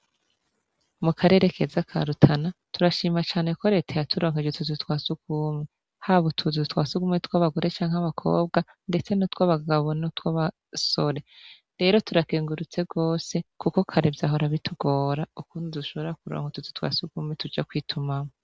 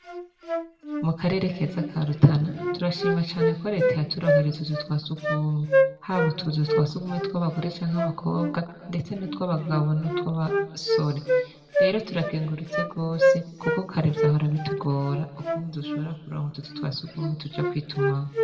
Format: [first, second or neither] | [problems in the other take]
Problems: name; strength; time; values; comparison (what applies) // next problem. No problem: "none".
first | background sound (Wind instrument, woodwind instrument); 1 dB below the speech // room echo; dies away in 1.7 s